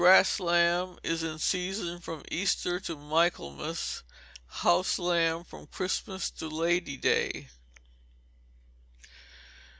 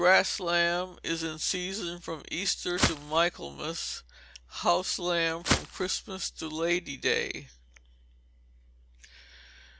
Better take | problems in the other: first | background sound (Walk, footsteps); 1 dB above the speech

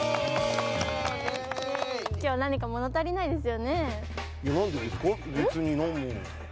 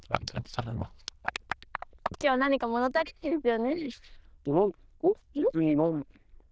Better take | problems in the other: first | noise reduction (neural diffusion model UNIVERSE++)

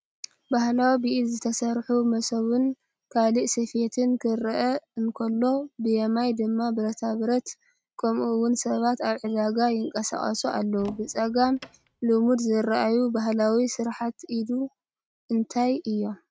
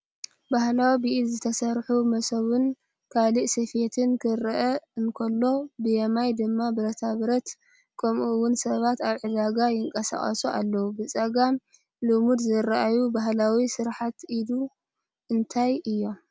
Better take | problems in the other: second | noise reduction (neural mask model RNNoise)

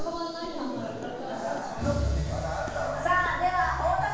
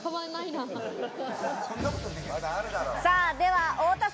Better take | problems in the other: second | background sound (Walk, footsteps); 14 dB below the speech // room echo; dies away in 1.2 s

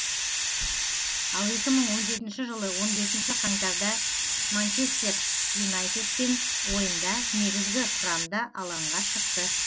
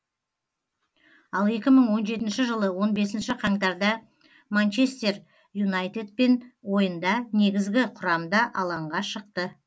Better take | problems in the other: second | background sound (Hiss); 4 dB above the speech

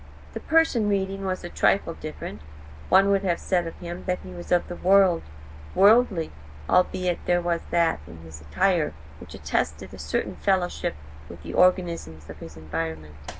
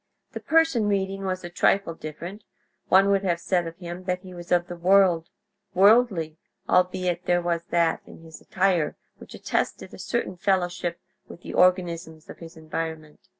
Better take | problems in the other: second | background sound (Mechanical fan); 14 dB below the speech

